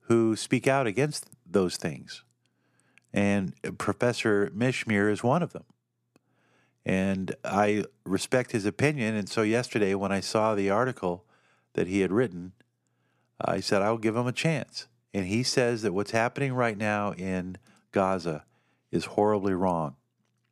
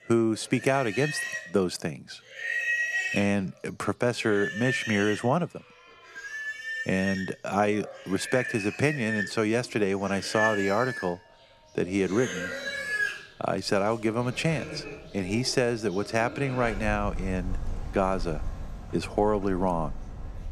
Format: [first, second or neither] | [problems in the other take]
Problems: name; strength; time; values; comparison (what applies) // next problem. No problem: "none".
first | animal sounds; loud; throughout; 6 dB below the speech